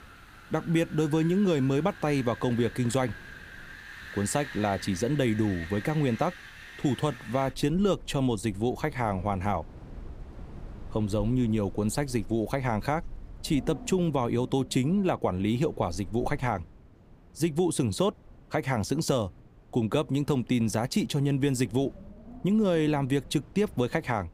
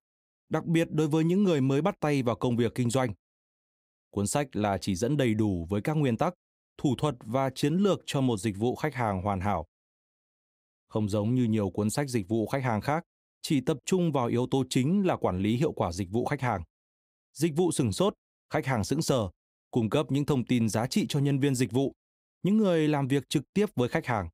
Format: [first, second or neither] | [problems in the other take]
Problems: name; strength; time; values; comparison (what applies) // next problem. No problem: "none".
second | wind in the background; noticeable; throughout; 20 dB below the speech